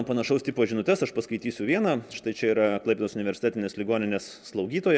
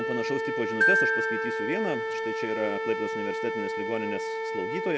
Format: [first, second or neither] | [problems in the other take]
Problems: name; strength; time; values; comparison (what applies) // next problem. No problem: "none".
first | background sound (Wind instrument, woodwind instrument + Glockenspiel); 4 dB above the speech